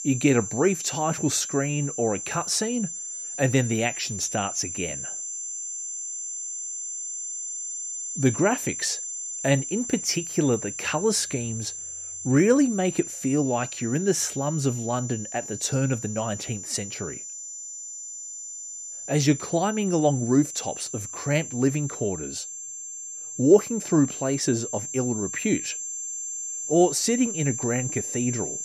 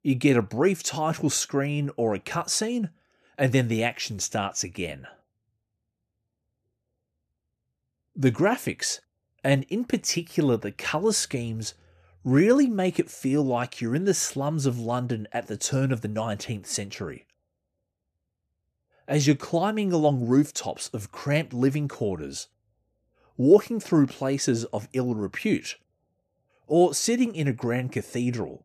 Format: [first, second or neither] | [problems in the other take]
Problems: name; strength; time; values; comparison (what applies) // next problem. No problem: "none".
second | high-pitched whine; loud; throughout; 7.5 kHz, 7 dB below the speech